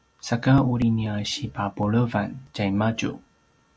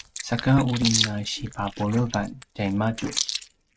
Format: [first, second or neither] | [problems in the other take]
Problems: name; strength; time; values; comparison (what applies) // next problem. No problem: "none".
first | noise reduction (neural mask model RNNoise)